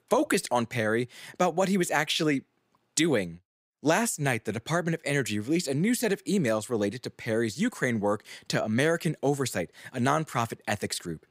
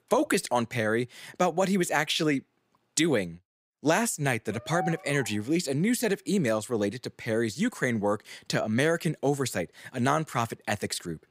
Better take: first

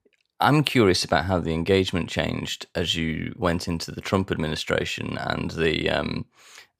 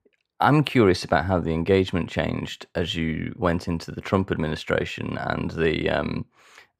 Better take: first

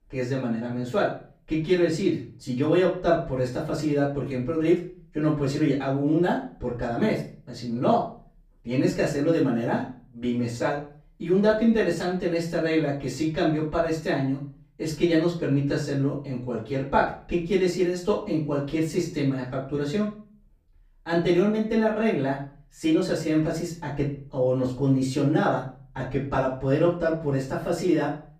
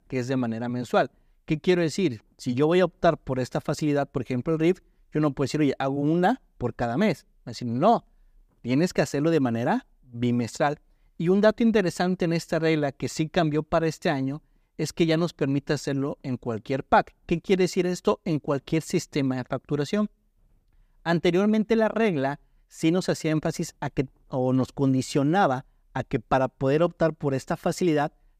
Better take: second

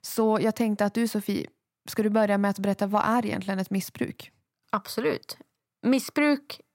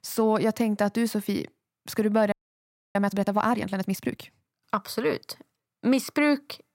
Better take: first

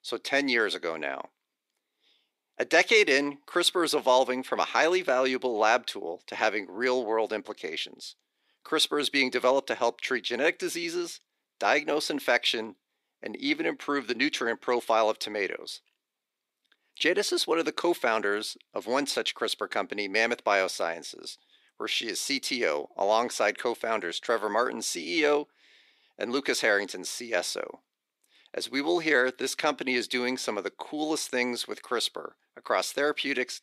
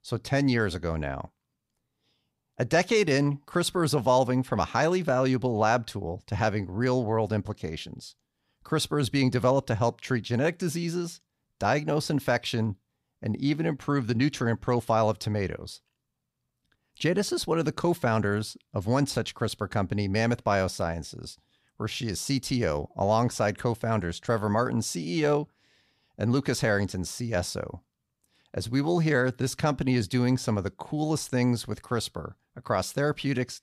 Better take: second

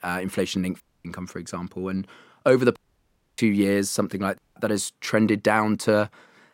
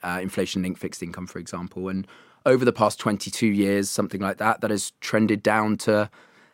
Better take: second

